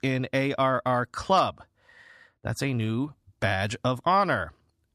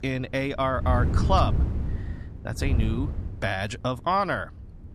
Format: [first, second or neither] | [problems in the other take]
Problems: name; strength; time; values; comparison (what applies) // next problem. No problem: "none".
first | wind noise on the microphone; occasional gusts; 15 dB below the speech